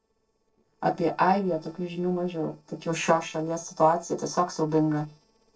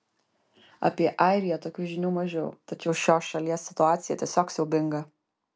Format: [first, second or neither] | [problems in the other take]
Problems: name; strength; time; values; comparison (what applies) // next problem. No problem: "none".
second | noise reduction (neural separator model SepFormer DNS4)